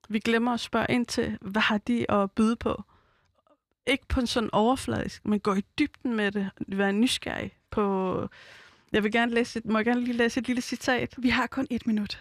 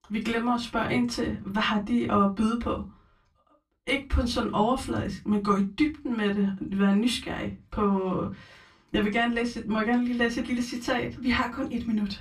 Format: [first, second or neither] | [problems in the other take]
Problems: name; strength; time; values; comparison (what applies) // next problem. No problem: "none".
first | off-mic speech; far // room echo; very slight; dies away in 0.2 s